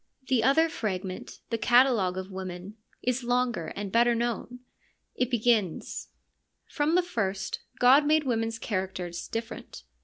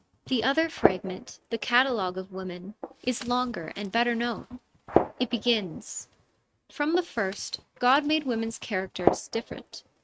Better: first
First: none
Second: noise reduction (neural mask model RNNoise)

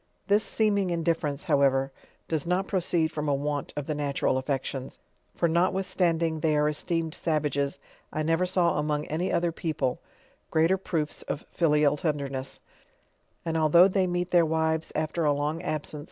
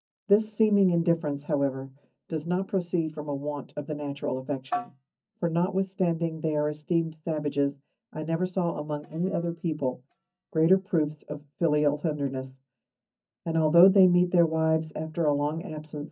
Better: first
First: none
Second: noise reduction (neural mask model DeepFilterNet 3)

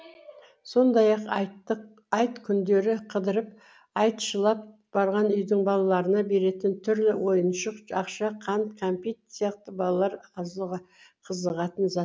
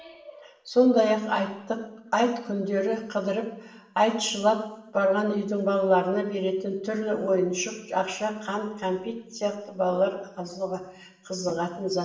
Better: first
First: none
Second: room echo; dies away in 0.8 s

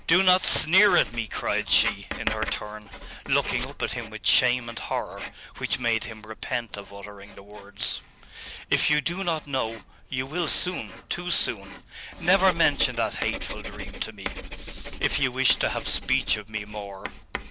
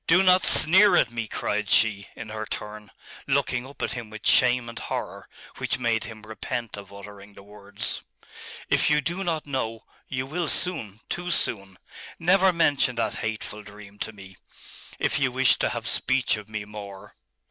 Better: second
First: background sound (Writing); 10 dB below the speech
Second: none

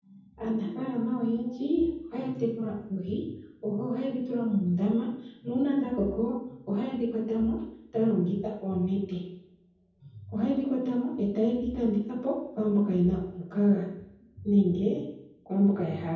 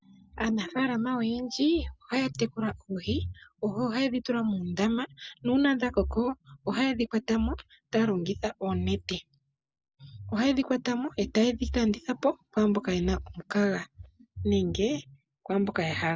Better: second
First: room echo; dies away in 0.9 s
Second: none

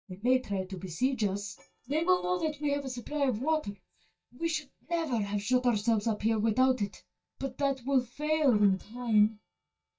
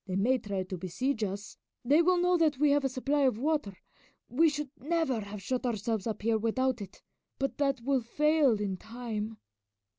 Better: second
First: noise reduction (neural mask model DeepFilterNet 3)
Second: none

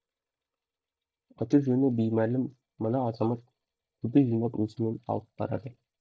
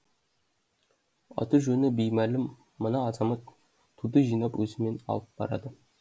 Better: second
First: noise reduction (neural mask model DeepFilterNet 3)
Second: none

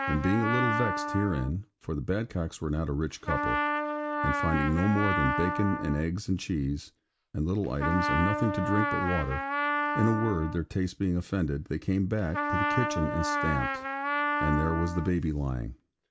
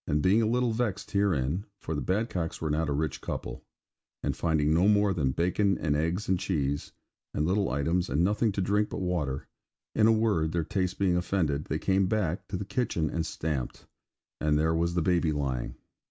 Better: second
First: background sound (Trumpet); 3 dB below the speech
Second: none

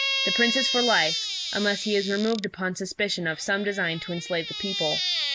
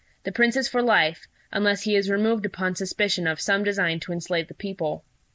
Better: second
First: background sound (Squeak); 2 dB below the speech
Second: none

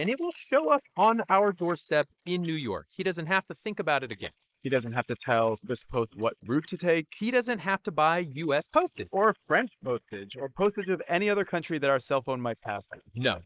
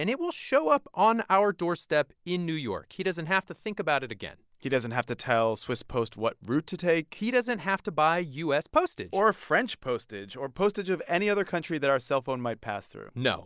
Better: second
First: noise reduction (neural mask model Resemble Enhance denoiser)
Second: none

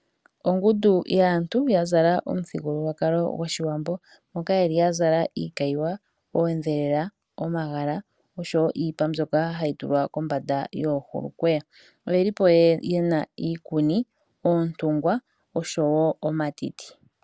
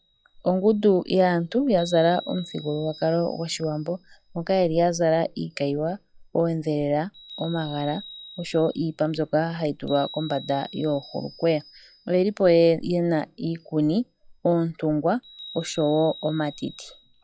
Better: first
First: none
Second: noise reduction (classical method log-MMSE)

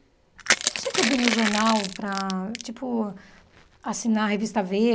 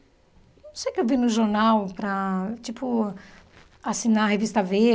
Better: second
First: background sound (Crushing); 2 dB below the speech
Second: none

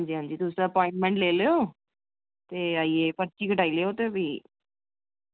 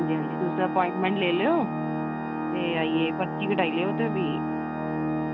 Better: first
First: none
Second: background sound (Organ); 1 dB below the speech

